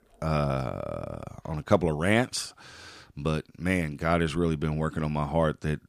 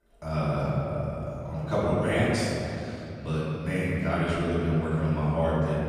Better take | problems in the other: first | off-mic speech; far // room echo; strong; dies away in 2.9 s

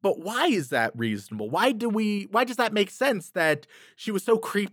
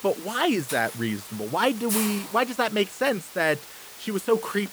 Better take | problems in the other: first | hiss; loud; throughout; 9 dB below the speech

